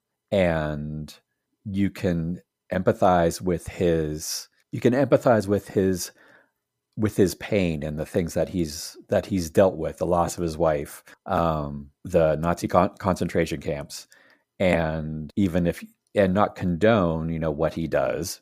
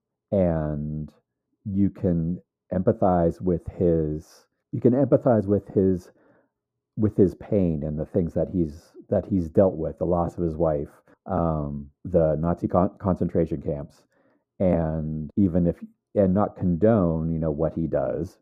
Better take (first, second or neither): first